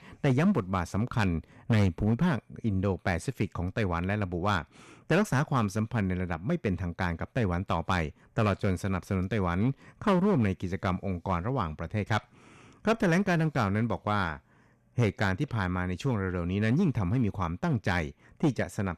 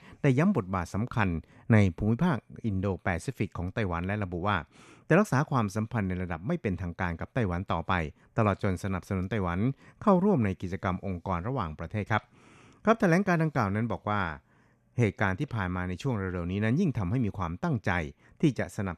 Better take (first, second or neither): second